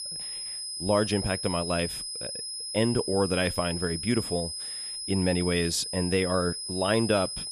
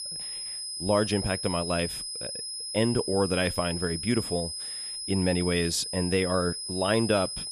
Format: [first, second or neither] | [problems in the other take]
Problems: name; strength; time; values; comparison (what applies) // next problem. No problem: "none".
neither | high-pitched whine; loud; throughout; 5 kHz, 5 dB below the speech; the same in both